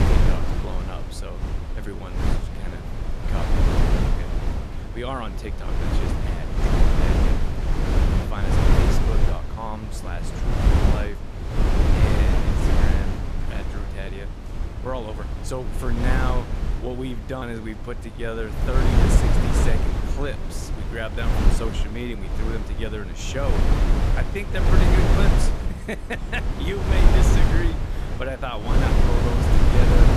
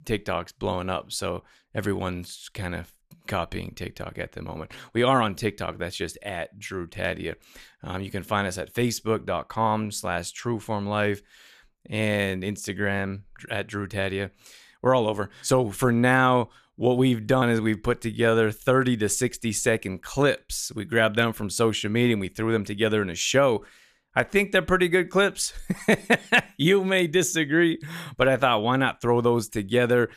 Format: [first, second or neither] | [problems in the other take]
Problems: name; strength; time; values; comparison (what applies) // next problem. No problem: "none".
second | wind noise on the microphone; heavy; 2 dB above the speech